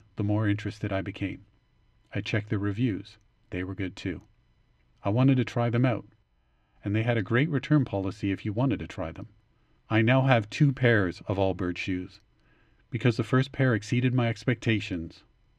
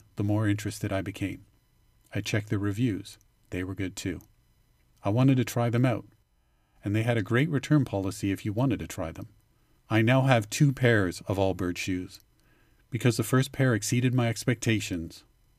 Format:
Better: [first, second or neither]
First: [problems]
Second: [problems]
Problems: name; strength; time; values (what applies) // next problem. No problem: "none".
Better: second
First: muffled; slightly; fading above 3 kHz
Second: none